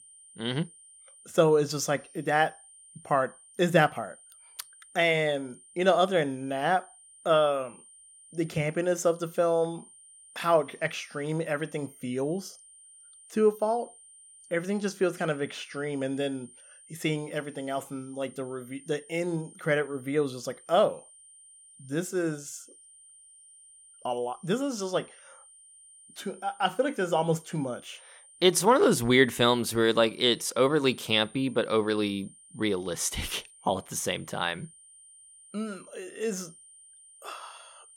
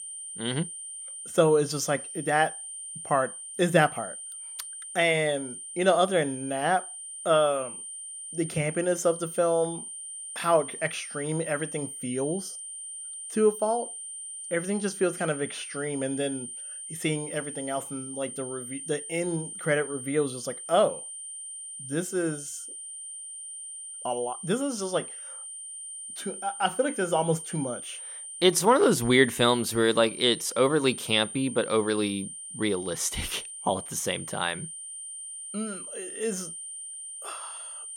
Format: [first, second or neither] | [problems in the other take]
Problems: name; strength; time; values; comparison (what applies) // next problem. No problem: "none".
first | high-pitched whine; loud; throughout; 9 kHz, 10 dB below the speech; faint in the first